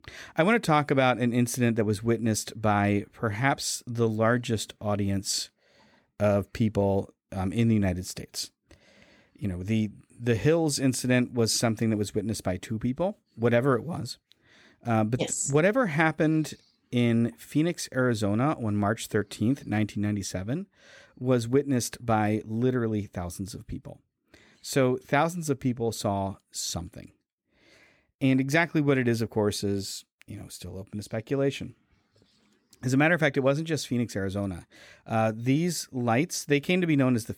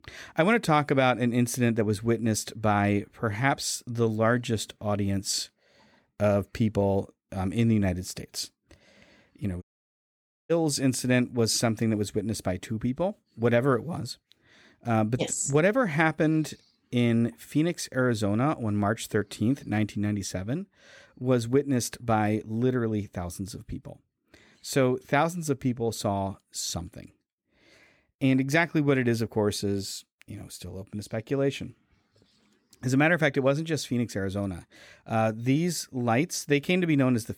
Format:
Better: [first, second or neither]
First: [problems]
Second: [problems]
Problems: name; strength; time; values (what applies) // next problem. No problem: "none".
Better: first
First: none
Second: audio cutting out; at 9.5 s for 1 s